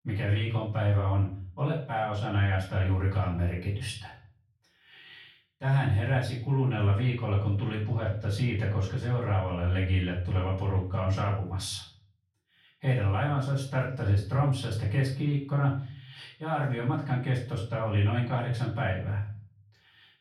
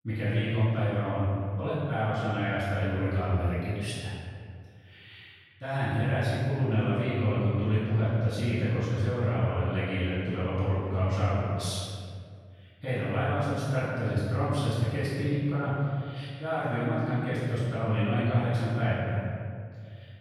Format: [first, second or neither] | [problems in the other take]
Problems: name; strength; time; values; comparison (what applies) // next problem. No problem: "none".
first | room echo; strong; dies away in 1.9 s; slight in the first // off-mic speech; far; far in the first